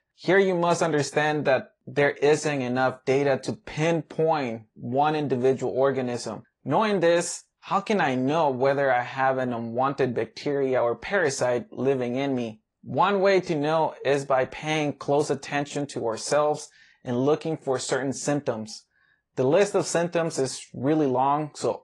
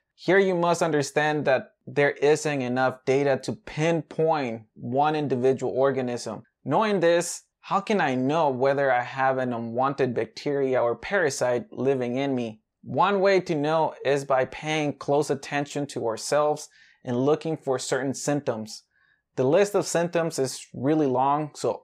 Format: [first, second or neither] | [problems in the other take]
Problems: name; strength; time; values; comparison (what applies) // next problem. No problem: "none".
second | garbled, watery; slightly; nothing above 10 kHz